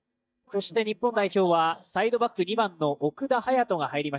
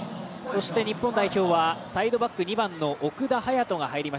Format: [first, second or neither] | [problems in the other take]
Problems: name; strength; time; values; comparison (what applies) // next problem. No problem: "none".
second | noise reduction (neural mask model DeepFilterNet 3)